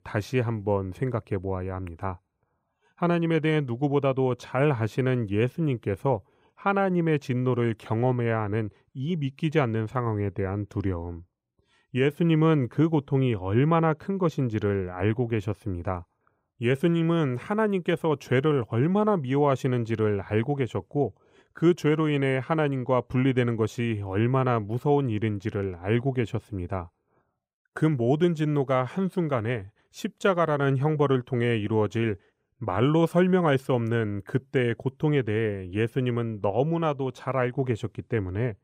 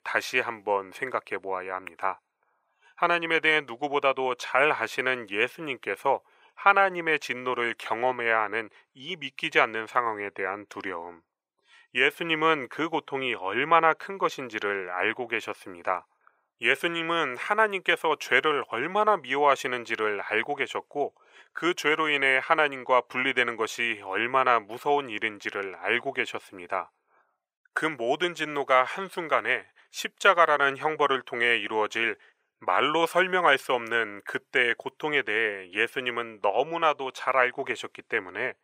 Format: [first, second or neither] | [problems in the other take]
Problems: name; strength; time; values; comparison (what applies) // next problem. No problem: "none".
first | thin; very; fading below 700 Hz